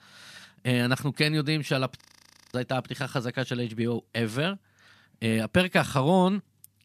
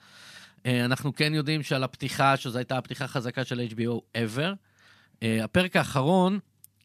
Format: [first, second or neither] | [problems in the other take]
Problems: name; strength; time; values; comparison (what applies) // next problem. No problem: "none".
second | audio freezing; at 2 s for 0.5 s